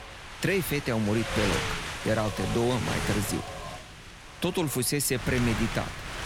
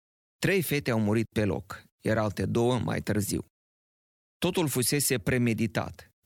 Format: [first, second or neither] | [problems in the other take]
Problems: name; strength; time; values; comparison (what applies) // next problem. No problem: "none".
second | wind noise on the microphone; heavy; 2 dB below the speech